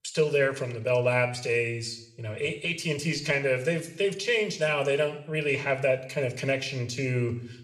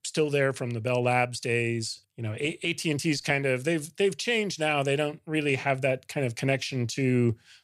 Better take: second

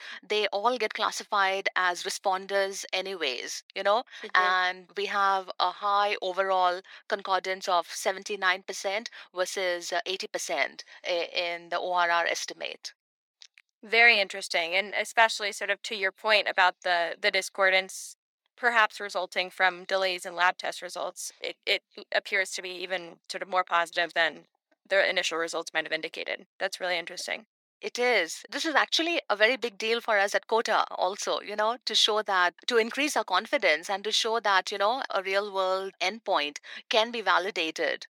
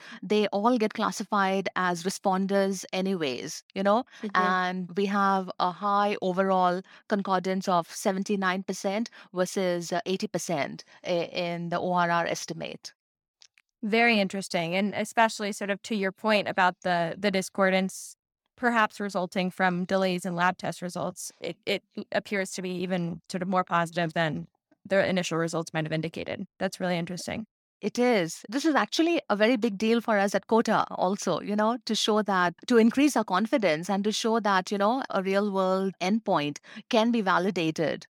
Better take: second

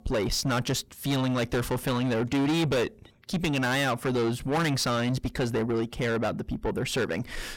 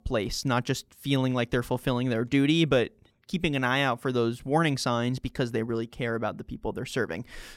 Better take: second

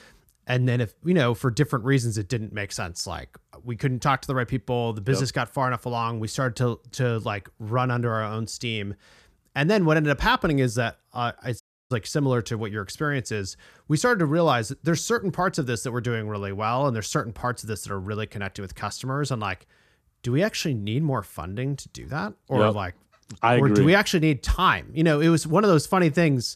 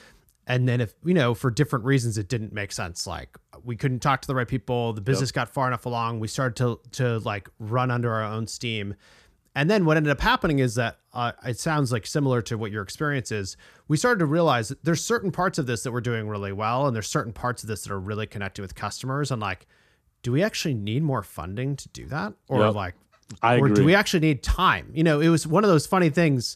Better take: second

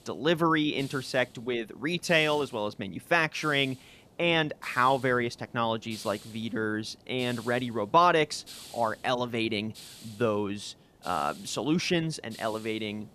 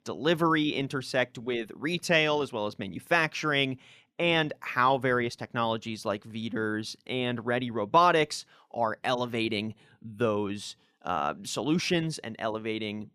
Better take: second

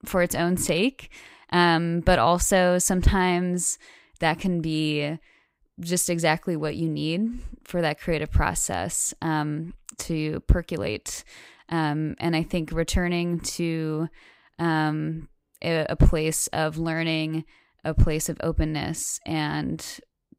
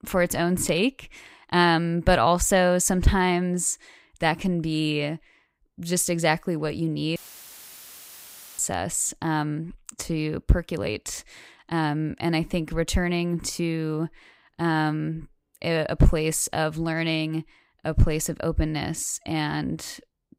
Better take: first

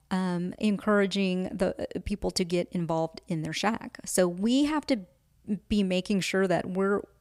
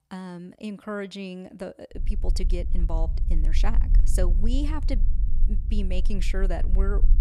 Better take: first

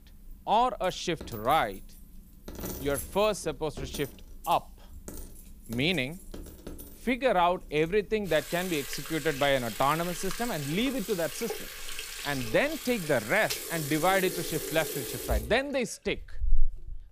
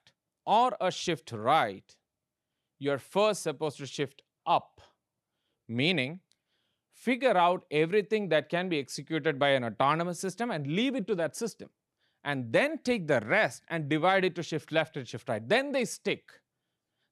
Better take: second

